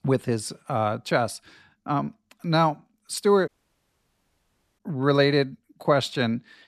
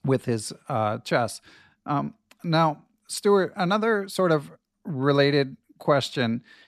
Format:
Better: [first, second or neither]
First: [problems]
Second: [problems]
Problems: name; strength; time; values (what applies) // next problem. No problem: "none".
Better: second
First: audio cutting out; at 3.5 s for 1.5 s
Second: none